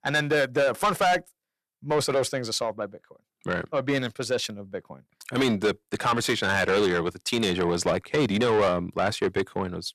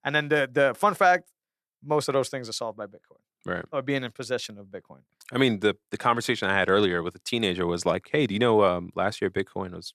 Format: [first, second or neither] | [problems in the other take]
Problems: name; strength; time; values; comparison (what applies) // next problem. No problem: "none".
second | distortion; heavy; 7 dB below the speech